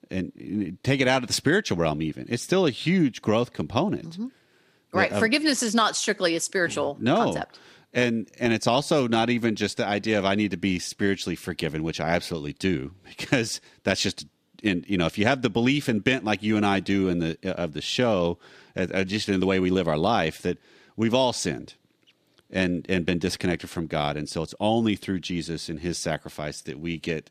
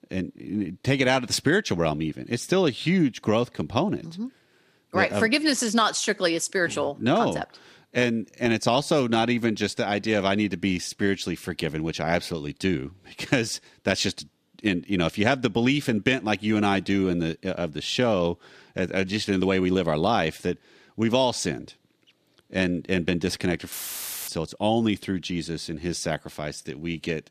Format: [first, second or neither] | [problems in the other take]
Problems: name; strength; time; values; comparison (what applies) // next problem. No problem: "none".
first | audio cutting out; filled with static; at 24 s for 0.5 s